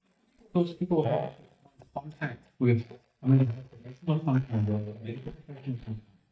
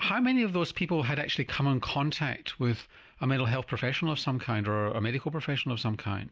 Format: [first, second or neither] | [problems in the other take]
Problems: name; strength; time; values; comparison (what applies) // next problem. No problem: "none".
second | noise reduction (neural mask model DeepFilterNet 3)